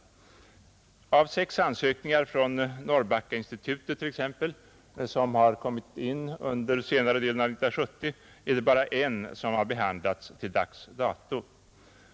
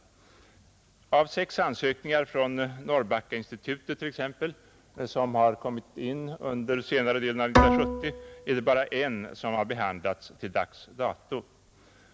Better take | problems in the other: first | background sound (Bowed string instrument); 2 dB above the speech

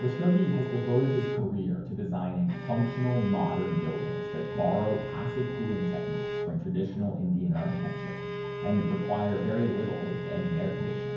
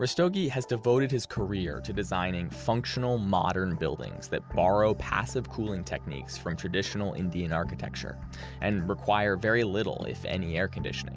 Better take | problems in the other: second | background sound (Bowed string instrument); 7 dB below the speech // room echo; dies away in 0.9 s

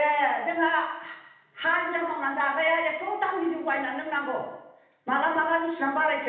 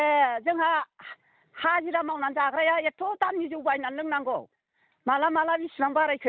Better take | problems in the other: second | room echo; dies away in 0.9 s

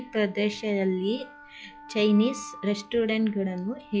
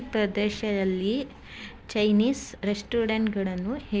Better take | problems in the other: second | noise reduction (classical method log-MMSE)

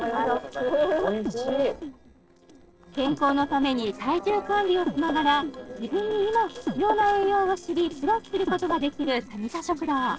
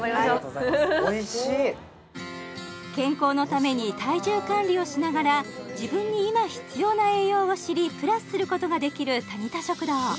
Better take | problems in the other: second | noise reduction (neural separator model SepFormer DNS4)

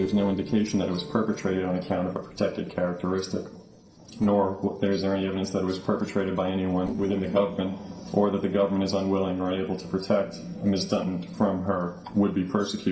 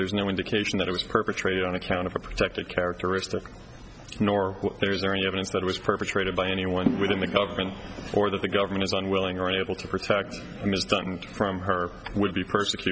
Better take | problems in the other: second | noise reduction (neural separator model SepFormer DNS4)

